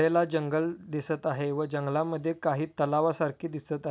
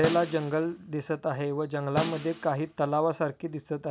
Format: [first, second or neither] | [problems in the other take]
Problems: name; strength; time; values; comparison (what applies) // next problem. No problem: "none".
first | background sound (Snare drum); 11 dB below the speech